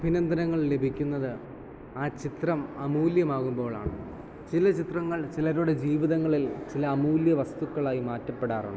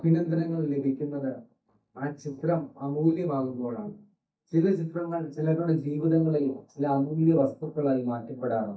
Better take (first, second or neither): first